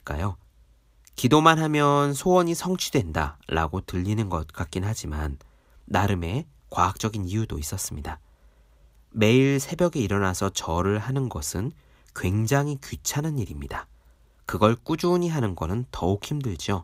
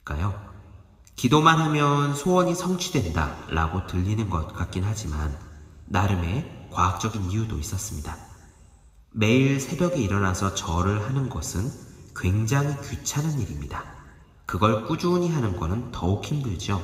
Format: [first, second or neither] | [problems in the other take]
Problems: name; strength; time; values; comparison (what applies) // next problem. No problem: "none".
first | room echo; slight; dies away in 1.6 s